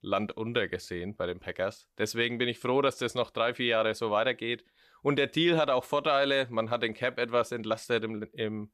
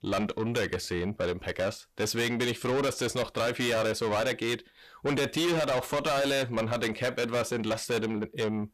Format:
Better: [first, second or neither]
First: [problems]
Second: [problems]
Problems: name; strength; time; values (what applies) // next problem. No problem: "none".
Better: first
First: none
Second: distortion; heavy; 6 dB below the speech